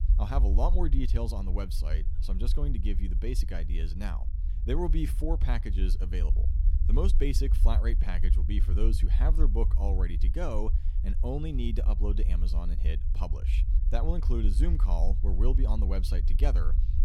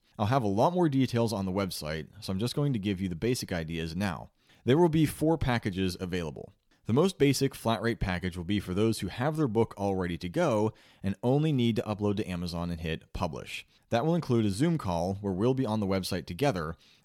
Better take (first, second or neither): second